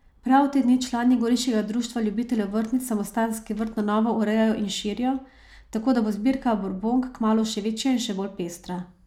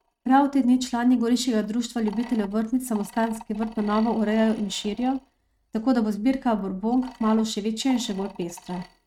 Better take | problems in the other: first | noise reduction (neural mask model RNNoise)

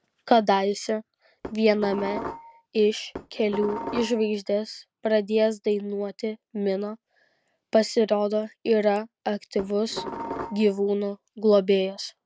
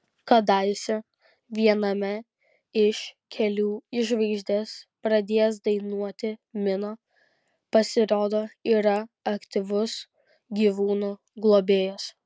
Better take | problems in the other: second | background sound (Dishes, pots, and pans); 10 dB below the speech

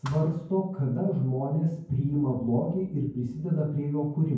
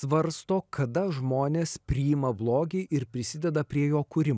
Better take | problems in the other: second | background sound (Thump, thud); 20 dB below the speech // room echo; dies away in 0.9 s

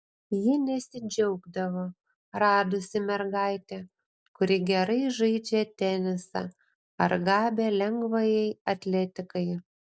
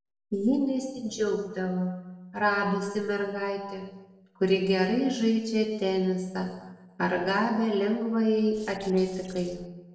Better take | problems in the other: first | noise reduction (neural separator model SepFormer DNS4)

